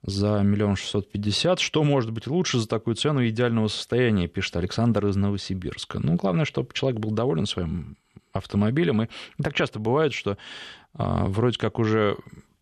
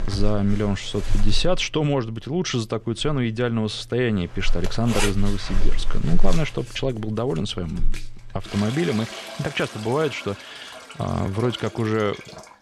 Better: first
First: none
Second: household noises; loud; throughout; 8 dB below the speech

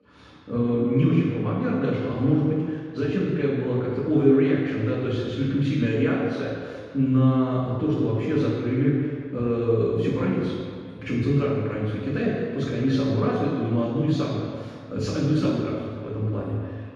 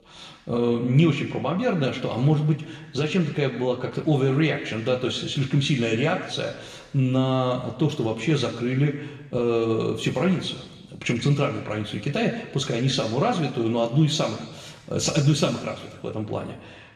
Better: second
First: room echo; strong; dies away in 1.8 s // off-mic speech; far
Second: room echo; slight; dies away in 1.1 s // off-mic speech; somewhat distant

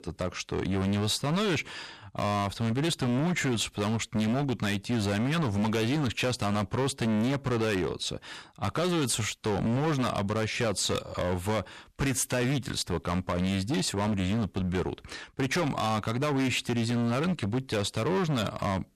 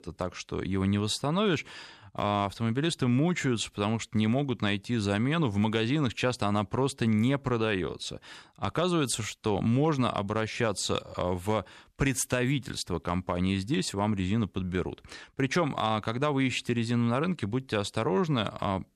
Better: second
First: distortion; heavy; 22% of the sound clipped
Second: none

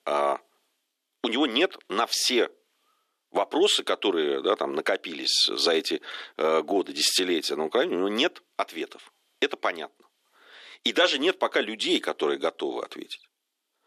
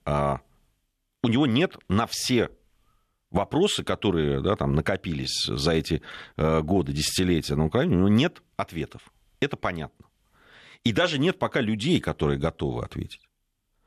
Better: second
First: thin; somewhat; fading below 300 Hz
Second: none

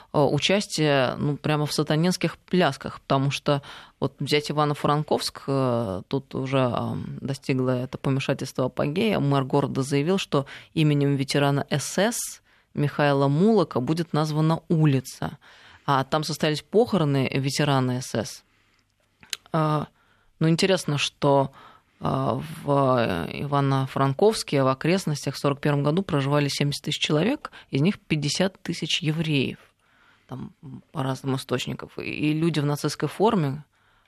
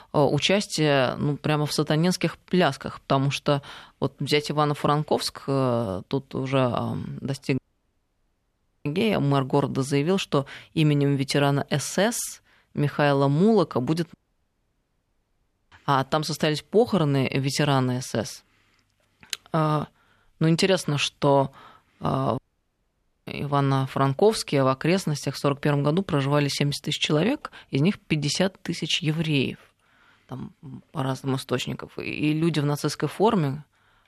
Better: first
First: none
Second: audio cutting out; at 7.5 s for 1.5 s, at 14 s for 1.5 s and at 22 s for 1 s

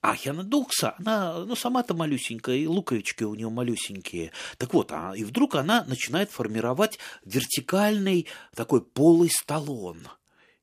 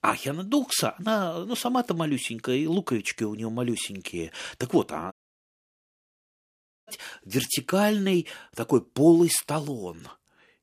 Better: first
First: none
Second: audio cutting out; at 5 s for 2 s

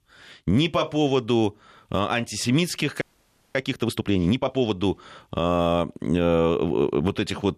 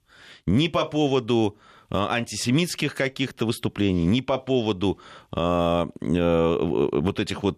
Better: second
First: audio freezing; at 3 s for 0.5 s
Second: none

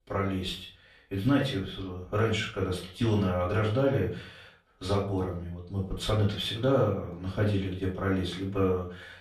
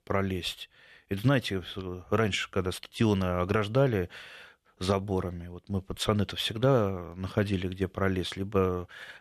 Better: second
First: off-mic speech; far // room echo; noticeable; dies away in 0.4 s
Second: none

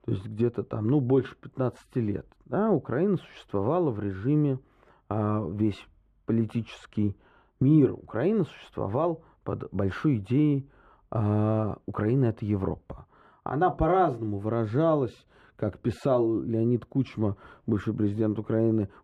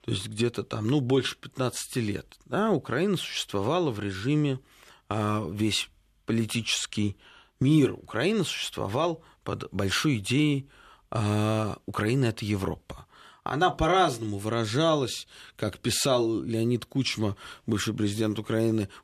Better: second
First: muffled; very; fading above 2 kHz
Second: none

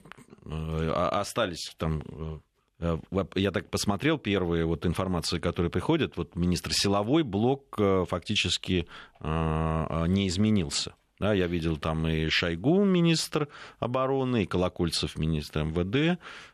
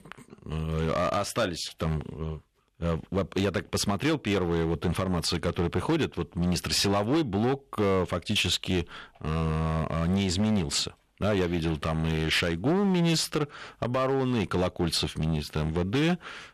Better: first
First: none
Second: distortion; slight; 10% of the sound clipped

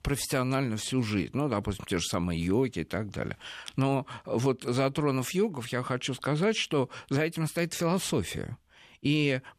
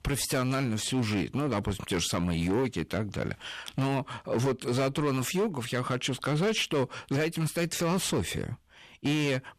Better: first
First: none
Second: distortion; slight; 12% of the sound clipped

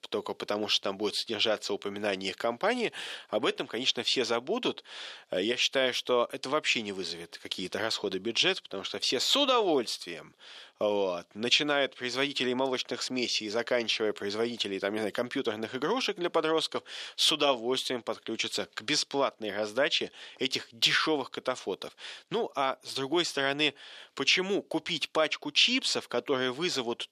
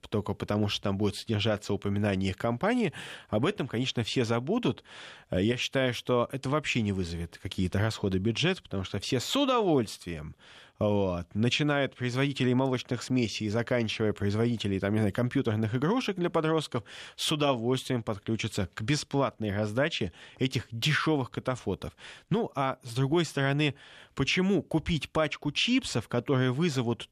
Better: second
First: thin; somewhat; fading below 400 Hz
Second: none

